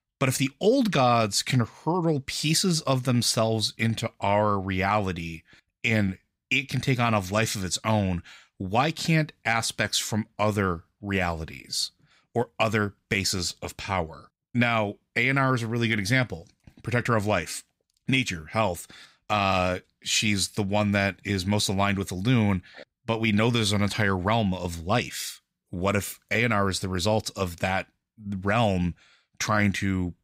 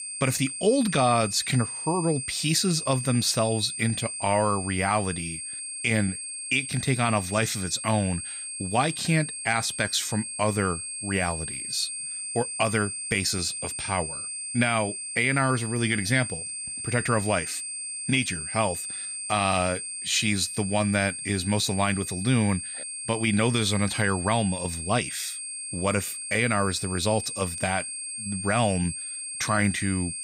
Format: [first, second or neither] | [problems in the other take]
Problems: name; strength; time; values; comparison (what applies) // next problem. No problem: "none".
first | high-pitched whine; loud; throughout; 8.5 kHz, 6 dB below the speech